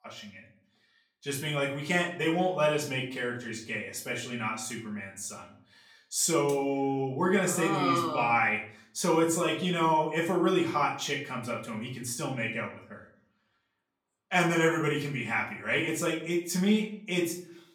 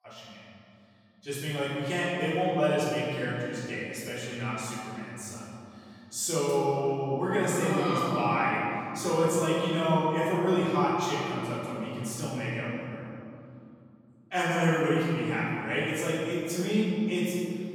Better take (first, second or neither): first